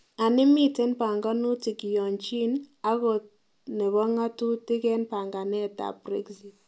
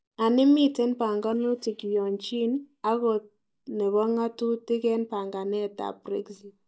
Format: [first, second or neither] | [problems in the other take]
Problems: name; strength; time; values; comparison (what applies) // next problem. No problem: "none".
first | noise reduction (neural mask model DeepFilterNet 3)